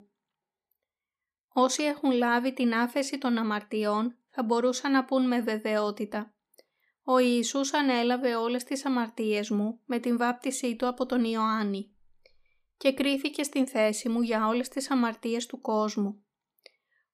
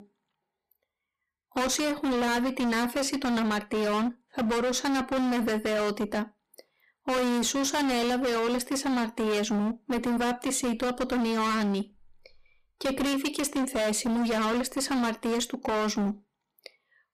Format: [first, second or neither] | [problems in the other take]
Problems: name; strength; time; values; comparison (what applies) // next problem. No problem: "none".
first | distortion; heavy; 30% of the sound clipped